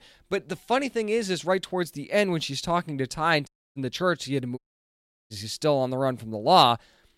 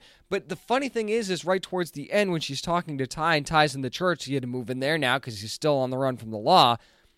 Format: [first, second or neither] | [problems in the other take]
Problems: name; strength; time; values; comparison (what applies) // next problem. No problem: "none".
second | audio cutting out; at 3.5 s and at 4.5 s for 0.5 s